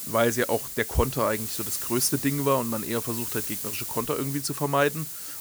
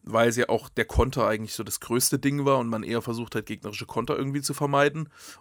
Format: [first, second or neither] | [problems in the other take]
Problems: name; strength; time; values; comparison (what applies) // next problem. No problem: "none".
second | hiss; loud; throughout; 4 dB below the speech